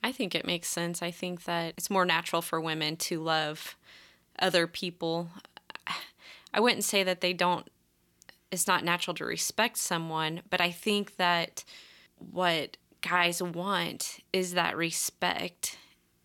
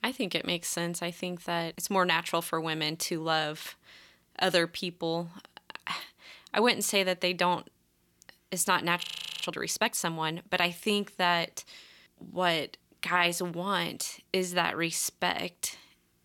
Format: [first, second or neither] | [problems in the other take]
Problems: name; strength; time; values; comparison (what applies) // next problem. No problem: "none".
first | audio freezing; at 9 s